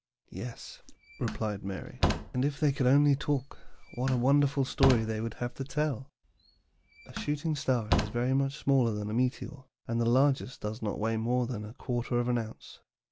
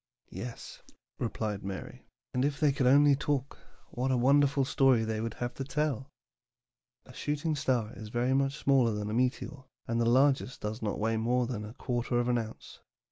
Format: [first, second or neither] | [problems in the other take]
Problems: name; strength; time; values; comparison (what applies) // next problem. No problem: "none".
second | background sound (Slam); 6 dB below the speech